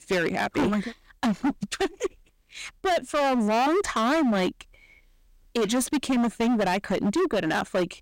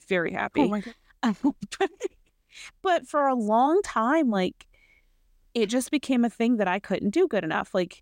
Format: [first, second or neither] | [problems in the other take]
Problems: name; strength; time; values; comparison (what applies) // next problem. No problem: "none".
second | distortion; heavy; 20% of the sound clipped